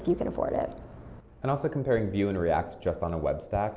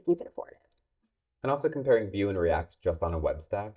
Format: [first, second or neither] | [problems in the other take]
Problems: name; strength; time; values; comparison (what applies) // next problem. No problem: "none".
first | noise reduction (neural mask model DeepFilterNet 3)